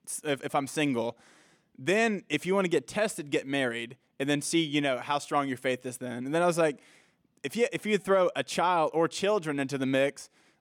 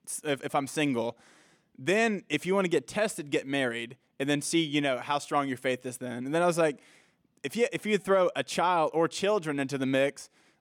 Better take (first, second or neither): neither